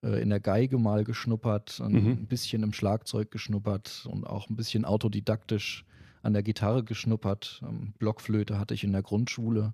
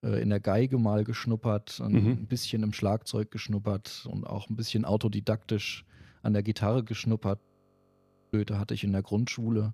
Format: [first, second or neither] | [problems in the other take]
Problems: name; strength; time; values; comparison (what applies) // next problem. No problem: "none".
first | audio freezing; at 7.5 s for 1 s